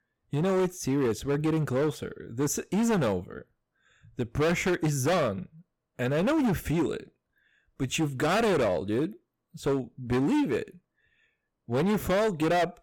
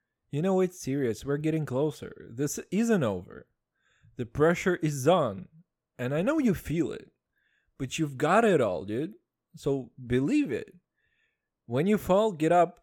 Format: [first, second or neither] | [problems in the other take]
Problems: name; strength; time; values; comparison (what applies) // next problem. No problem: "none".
second | distortion; heavy; 15% of the sound clipped